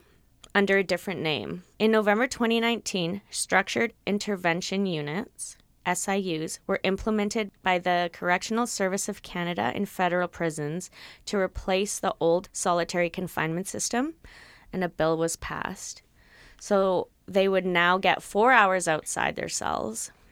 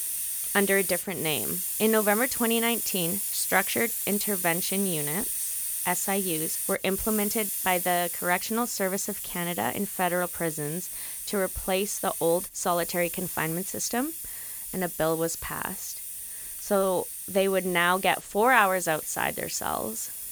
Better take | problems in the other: first | hiss; loud; throughout; 3 dB below the speech

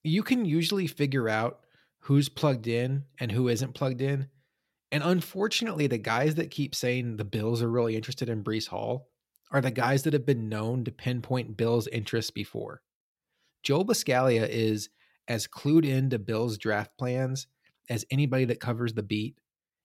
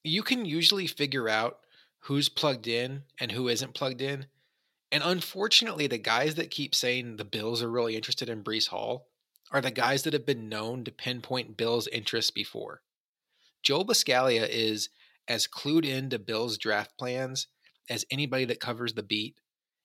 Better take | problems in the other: first | thin; very slightly; fading below 900 Hz

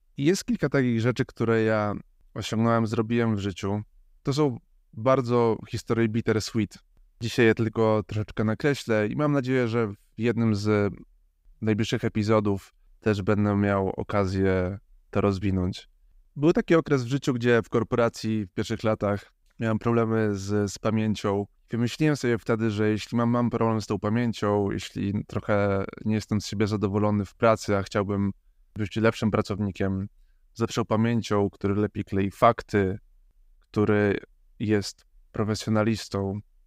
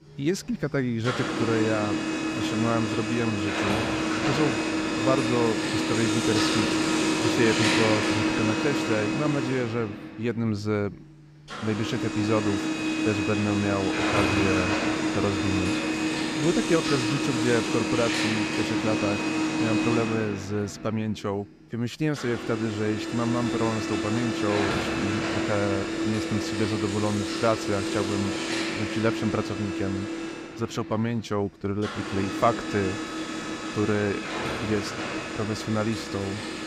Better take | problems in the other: first | household noises; very loud; throughout; 1 dB above the speech

